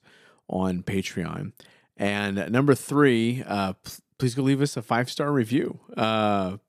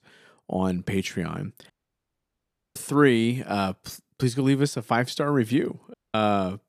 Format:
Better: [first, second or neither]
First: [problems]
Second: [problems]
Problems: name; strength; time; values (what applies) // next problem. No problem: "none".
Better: first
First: none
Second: audio cutting out; at 1.5 s for 1 s and at 6 s